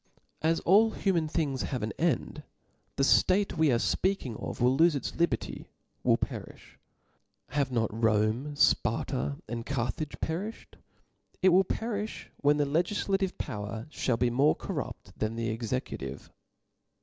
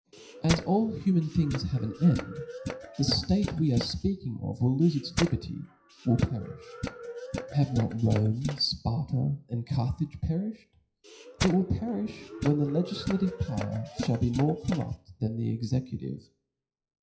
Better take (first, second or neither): first